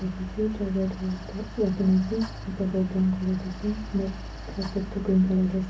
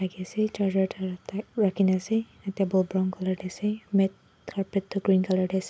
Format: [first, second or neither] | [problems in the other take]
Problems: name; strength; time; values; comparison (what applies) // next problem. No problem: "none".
second | background sound (Mechanical fan); 11 dB below the speech // room echo; dies away in 0.4 s